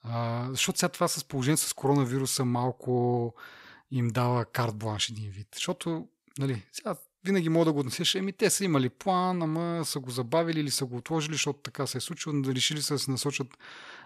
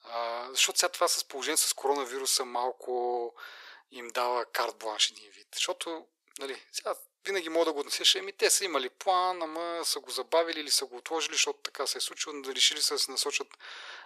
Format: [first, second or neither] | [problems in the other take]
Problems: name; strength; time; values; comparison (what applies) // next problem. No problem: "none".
first | thin; very; fading below 400 Hz